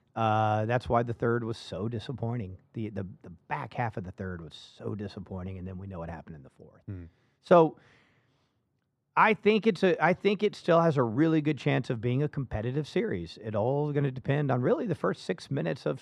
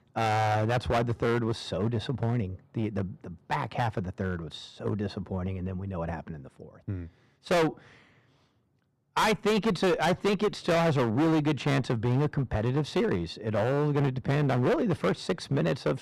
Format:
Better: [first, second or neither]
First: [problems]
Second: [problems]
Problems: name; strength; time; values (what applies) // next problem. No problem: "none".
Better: first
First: none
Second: distortion; heavy; 14% of the sound clipped